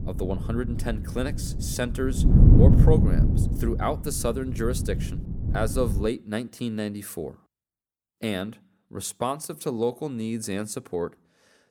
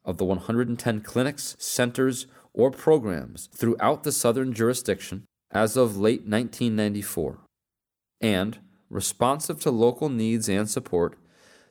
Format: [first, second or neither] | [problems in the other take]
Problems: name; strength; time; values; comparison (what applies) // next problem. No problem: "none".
second | wind noise on the microphone; heavy; until 6 s; 4 dB below the speech